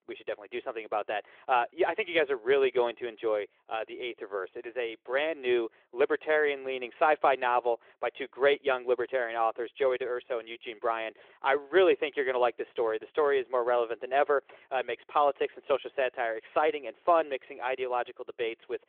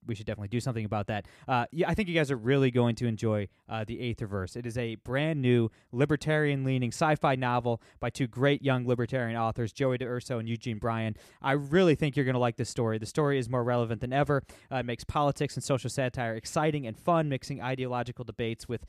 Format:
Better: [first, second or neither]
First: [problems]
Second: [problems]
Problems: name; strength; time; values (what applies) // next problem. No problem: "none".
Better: second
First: phone-call audio; nothing above 3.5 kHz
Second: none